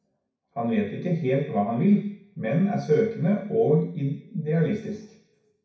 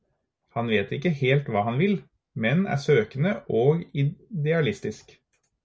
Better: second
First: room echo; dies away in 0.6 s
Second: none

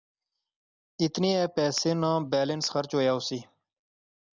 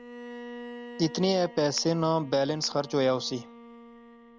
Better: first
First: none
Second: background sound (Bowed string instrument); 16 dB below the speech

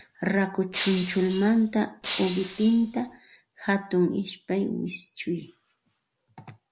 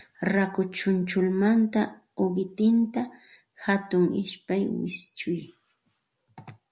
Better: second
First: background sound (Shatter); 11 dB below the speech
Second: none

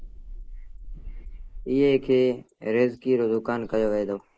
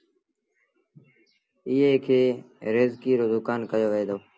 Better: second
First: noise reduction (neural mask model Resemble Enhance denoiser)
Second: none

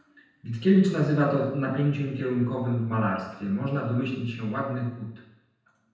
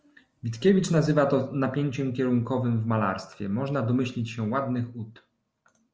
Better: second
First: room echo; dies away in 0.9 s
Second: none

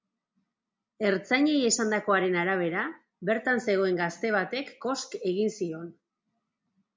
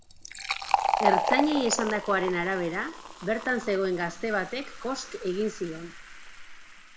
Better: first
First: none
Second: background sound (Fill (with liquid)); 2 dB below the speech

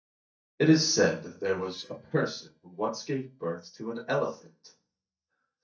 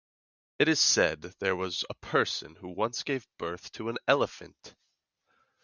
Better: second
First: noise reduction (neural mask model DeepFilterNet 3)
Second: none

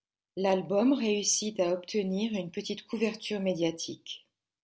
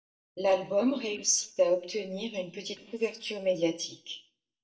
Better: first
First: none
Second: noise reduction (neural mask model DeepFilterNet 3)

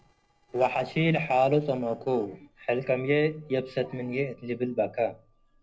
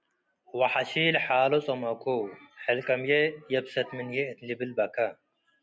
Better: second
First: noise reduction (neural separator model SepFormer DNS4)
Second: none

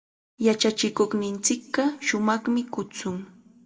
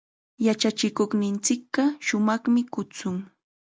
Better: second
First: room echo; dies away in 0.8 s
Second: none

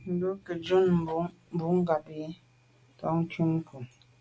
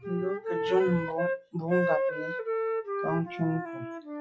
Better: first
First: none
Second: noise reduction (classical method log-MMSE)

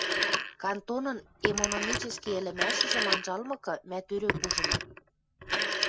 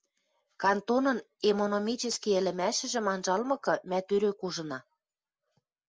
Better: second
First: background sound (Telephone); 3 dB above the speech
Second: none

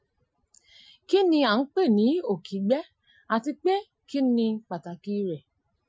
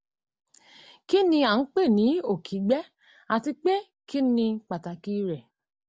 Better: second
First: noise reduction (classical method Wiener filter)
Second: none

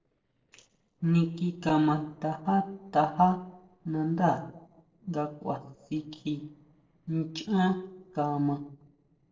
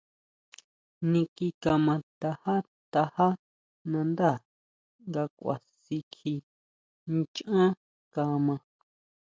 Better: second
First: noise reduction (neural separator model SepFormer DNS4)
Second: none

